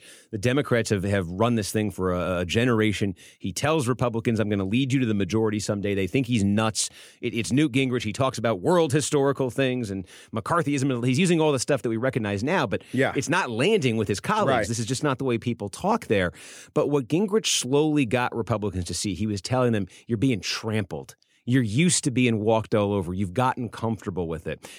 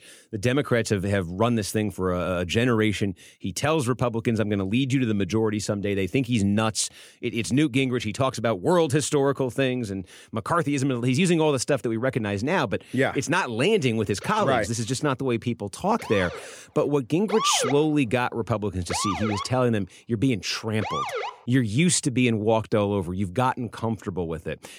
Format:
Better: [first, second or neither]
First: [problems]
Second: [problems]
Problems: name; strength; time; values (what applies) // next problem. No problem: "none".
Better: first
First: none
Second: siren; noticeable; from 14 to 21 s; peak 1 dB below the speech